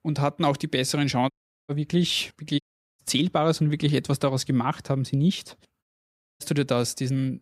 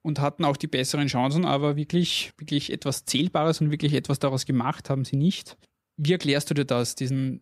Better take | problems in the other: second | audio cutting out; at 1.5 s, at 2.5 s and at 6 s for 0.5 s

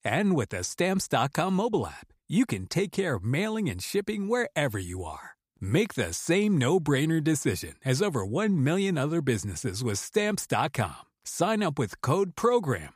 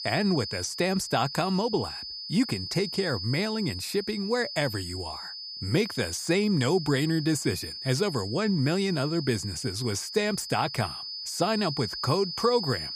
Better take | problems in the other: first | high-pitched whine; loud; throughout; 5 kHz, 7 dB below the speech

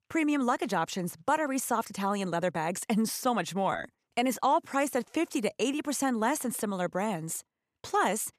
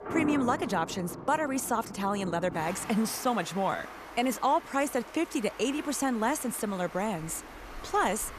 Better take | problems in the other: first | rain or running water; noticeable; throughout; 10 dB below the speech

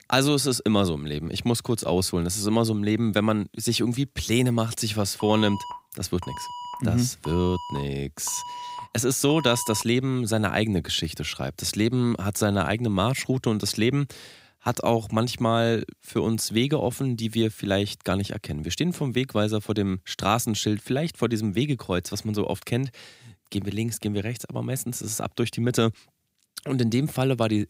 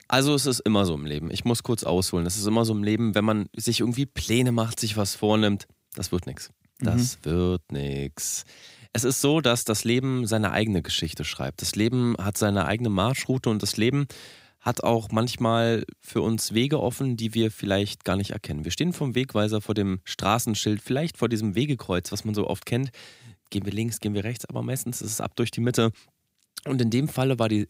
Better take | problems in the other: second | alarm; faint; from 5 to 10 s; peak 10 dB below the speech

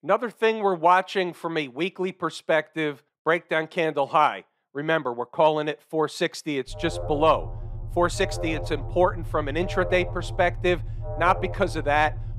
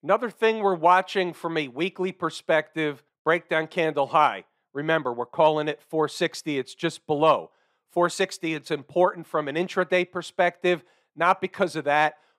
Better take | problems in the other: second | alarm; noticeable; from 6.5 s on; peak 7 dB below the speech

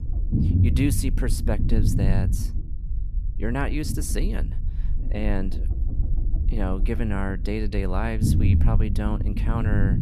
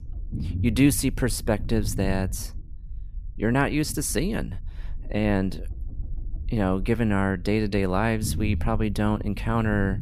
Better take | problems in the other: second | low rumble; loud; throughout; 6 dB below the speech; faint in the second

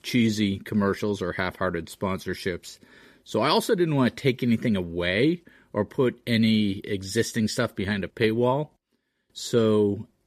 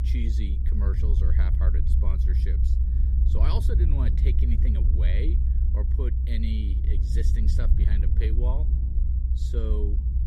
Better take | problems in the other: first | low rumble; loud; throughout; 2 dB below the speech

